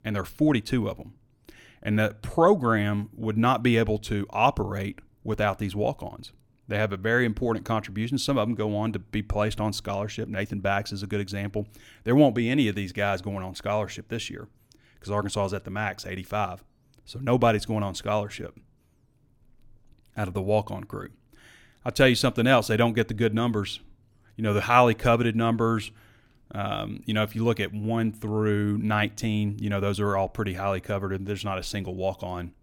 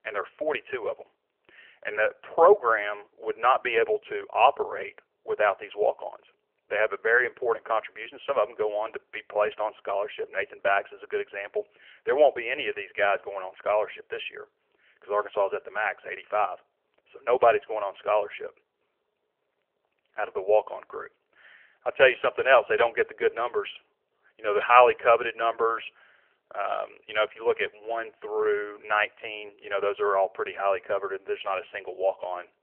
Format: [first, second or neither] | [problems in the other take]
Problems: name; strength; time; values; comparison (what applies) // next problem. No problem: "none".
first | phone-call audio; nothing above 3 kHz